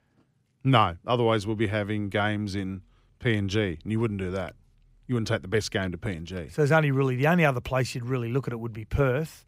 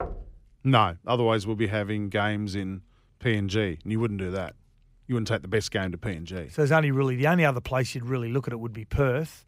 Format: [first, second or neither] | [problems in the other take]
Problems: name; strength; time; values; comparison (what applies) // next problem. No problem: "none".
first | door banging; faint; at the start; peak 10 dB below the speech